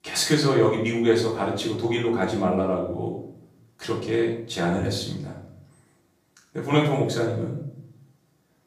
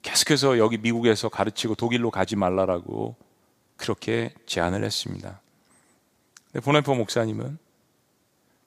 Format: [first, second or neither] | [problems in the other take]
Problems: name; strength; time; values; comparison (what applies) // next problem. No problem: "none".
second | off-mic speech; far // room echo; noticeable; dies away in 0.6 s